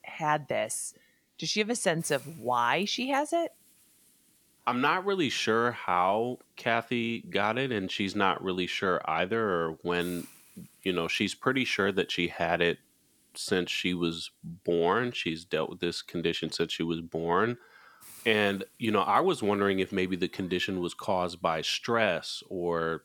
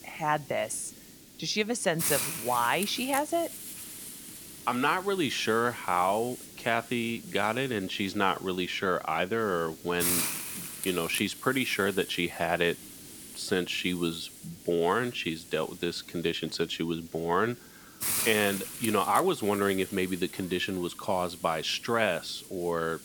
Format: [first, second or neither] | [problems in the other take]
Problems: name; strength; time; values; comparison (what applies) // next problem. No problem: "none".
first | hiss; loud; throughout; 7 dB below the speech; faint in the first